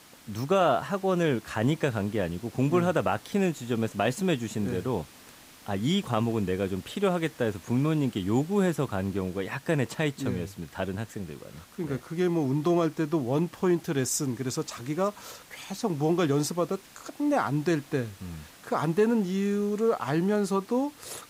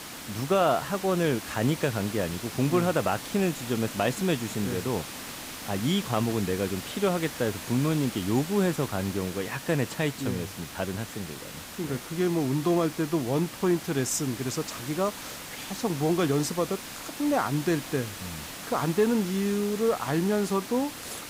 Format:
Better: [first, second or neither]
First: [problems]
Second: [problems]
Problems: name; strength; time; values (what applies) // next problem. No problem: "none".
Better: first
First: hiss; faint; throughout; 20 dB below the speech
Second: hiss; loud; throughout; 10 dB below the speech